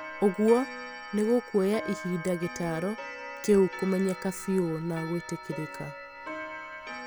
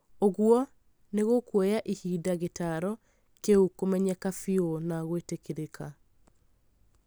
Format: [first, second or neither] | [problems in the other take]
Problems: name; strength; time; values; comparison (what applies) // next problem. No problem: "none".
second | background sound (Clock); 12 dB below the speech